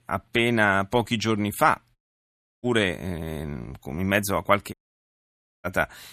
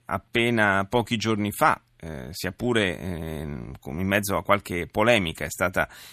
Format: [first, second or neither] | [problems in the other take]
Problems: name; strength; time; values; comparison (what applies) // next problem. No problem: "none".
second | audio cutting out; at 2 s for 0.5 s and at 4.5 s for 1 s